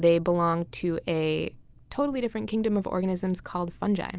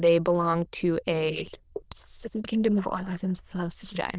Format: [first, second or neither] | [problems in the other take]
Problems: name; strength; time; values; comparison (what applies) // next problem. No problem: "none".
first | noise reduction (neural diffusion model UNIVERSE++)